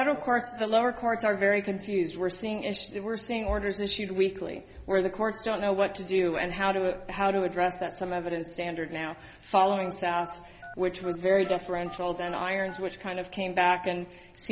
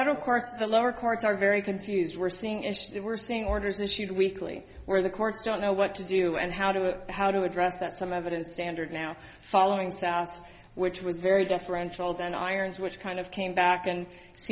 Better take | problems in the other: second | background sound (Telephone); 19 dB below the speech

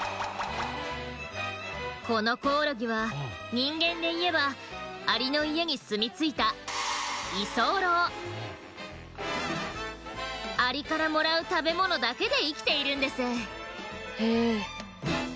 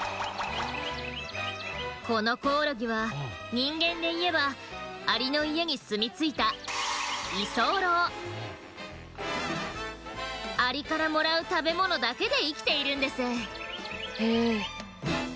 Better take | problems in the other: first | background sound (Chirp, tweet); 17 dB below the speech

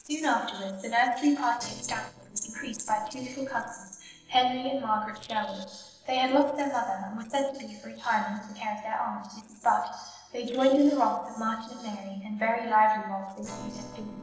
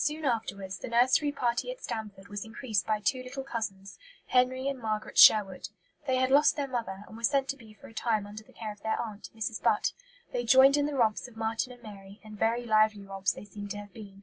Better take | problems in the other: second | noise reduction (neural separator model SepFormer DNS4)

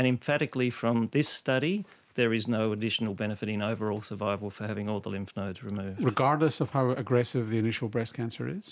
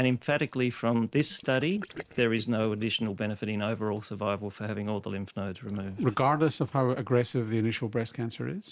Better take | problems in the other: first | noise reduction (neural separator model SepFormer DNS4)

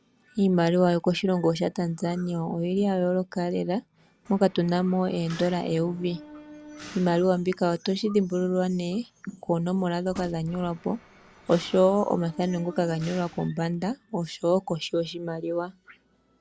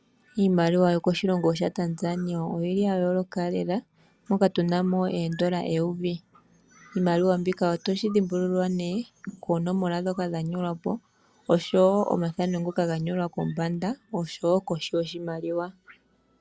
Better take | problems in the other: second | background sound (Gunshot, gunfire + Mechanisms); 19 dB below the speech

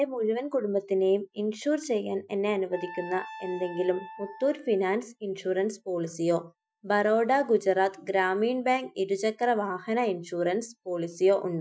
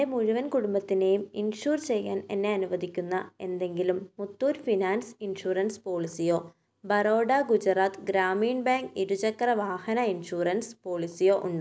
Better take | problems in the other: second | noise reduction (classical method Wiener filter)

